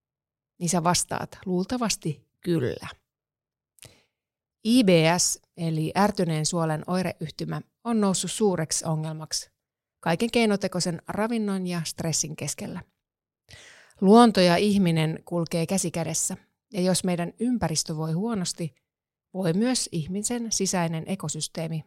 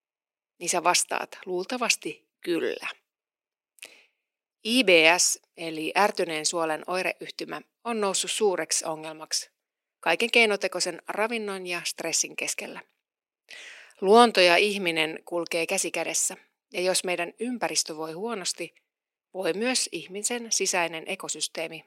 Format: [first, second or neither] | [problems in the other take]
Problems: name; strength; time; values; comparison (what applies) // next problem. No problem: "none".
first | thin; somewhat; fading below 300 Hz